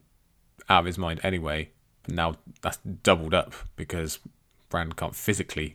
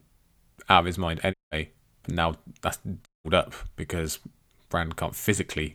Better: first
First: none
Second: audio cutting out; at 1.5 s and at 3 s

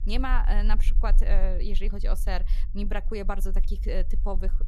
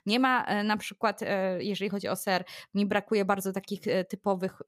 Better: second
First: low rumble; noticeable; throughout; 20 dB below the speech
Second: none

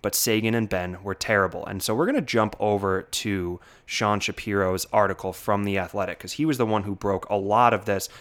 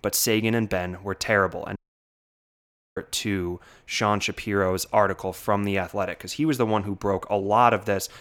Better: first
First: none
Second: audio cutting out; at 2 s for 1 s

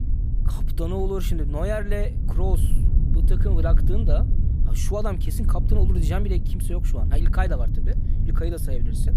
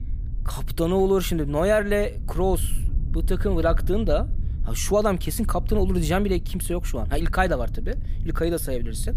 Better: second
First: low rumble; loud; throughout; 8 dB below the speech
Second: low rumble; faint; throughout; 20 dB below the speech

